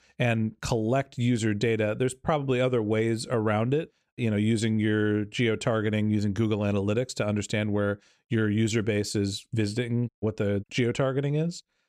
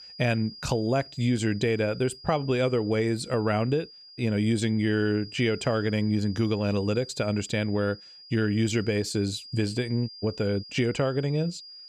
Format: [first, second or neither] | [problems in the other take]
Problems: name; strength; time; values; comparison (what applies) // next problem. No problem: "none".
first | high-pitched whine; noticeable; throughout; 5 kHz, 15 dB below the speech